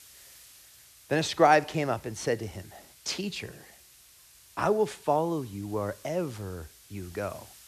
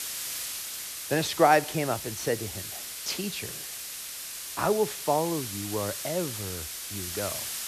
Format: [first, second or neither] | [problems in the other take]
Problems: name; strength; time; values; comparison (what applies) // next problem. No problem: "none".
first | hiss; loud; throughout; 6 dB below the speech; faint in the first